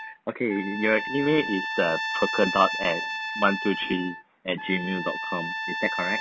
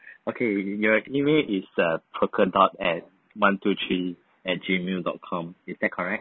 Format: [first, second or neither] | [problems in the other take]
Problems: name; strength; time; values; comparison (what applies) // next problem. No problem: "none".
second | background sound (Trumpet); 5 dB below the speech